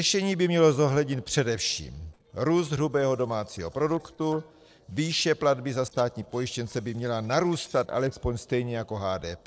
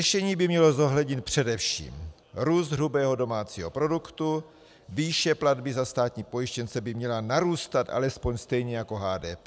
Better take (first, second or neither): second